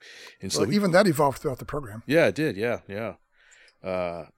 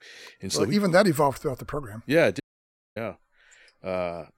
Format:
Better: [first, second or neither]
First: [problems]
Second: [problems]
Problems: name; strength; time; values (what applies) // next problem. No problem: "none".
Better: first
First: none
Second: audio cutting out; at 2.5 s for 0.5 s